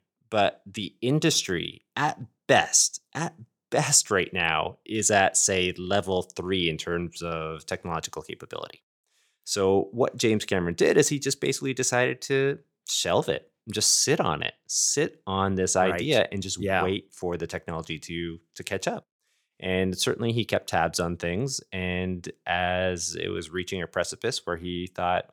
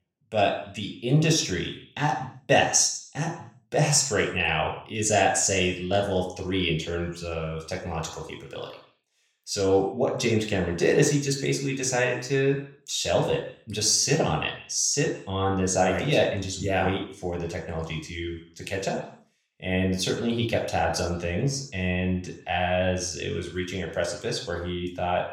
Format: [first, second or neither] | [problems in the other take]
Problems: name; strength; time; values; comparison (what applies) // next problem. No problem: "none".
first | room echo; slight; dies away in 0.6 s // off-mic speech; somewhat distant